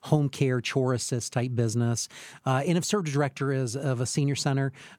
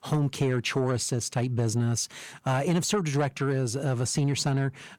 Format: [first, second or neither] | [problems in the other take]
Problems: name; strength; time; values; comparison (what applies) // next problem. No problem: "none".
first | distortion; slight; 10 dB below the speech